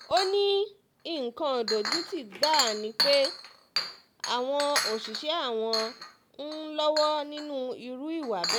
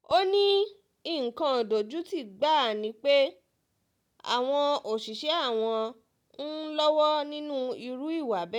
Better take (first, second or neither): second